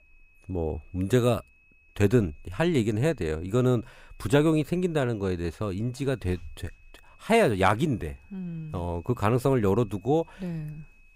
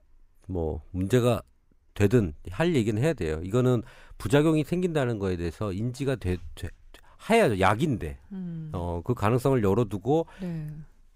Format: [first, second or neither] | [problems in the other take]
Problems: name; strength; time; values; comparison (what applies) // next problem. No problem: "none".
second | high-pitched whine; faint; throughout; 2.5 kHz, 35 dB below the speech